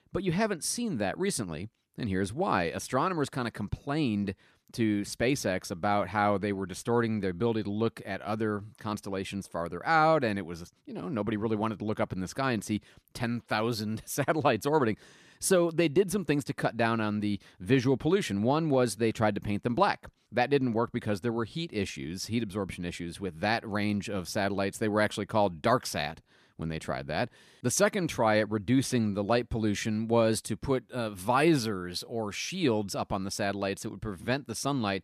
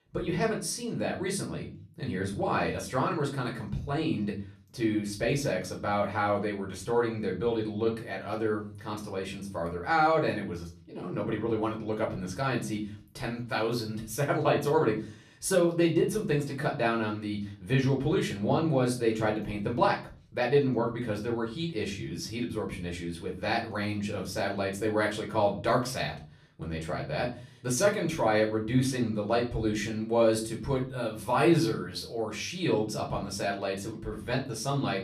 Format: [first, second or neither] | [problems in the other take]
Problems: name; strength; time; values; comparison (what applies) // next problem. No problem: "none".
first | off-mic speech; far // room echo; slight; dies away in 0.4 s